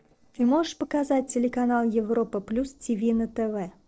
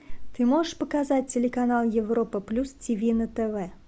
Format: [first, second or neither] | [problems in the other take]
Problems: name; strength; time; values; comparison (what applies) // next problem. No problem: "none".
second | noise reduction (neural separator model SepFormer DNS4)